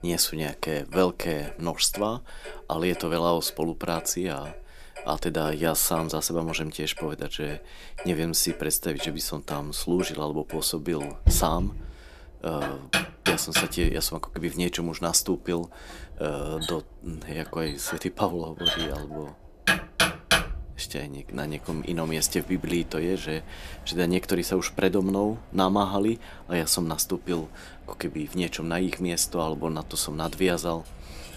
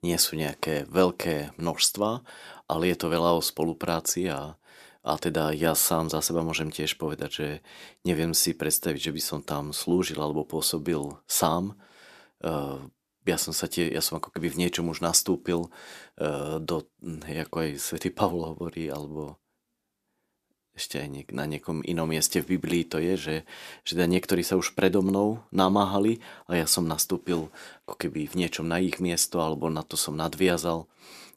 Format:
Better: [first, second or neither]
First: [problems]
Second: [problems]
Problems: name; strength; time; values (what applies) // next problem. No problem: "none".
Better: second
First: household noises; loud; throughout; 3 dB below the speech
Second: none